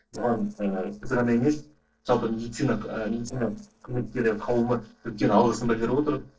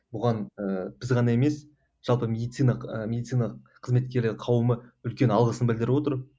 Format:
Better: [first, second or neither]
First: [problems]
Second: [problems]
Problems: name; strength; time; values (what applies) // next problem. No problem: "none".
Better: second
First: noise reduction (neural separator model SepFormer DNS4)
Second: none